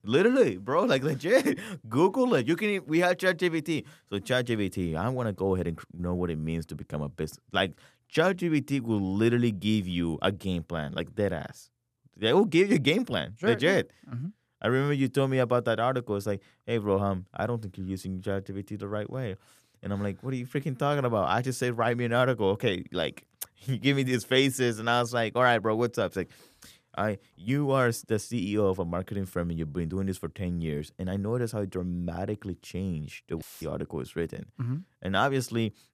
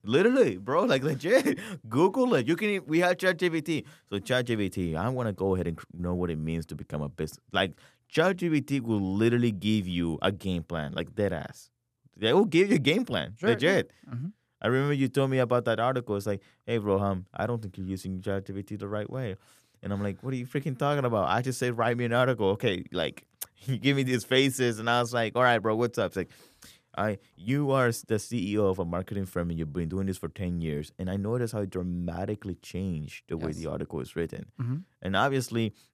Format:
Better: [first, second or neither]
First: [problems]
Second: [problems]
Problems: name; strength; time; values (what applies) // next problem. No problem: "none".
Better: second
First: audio cutting out; filled with static; at 33 s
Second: none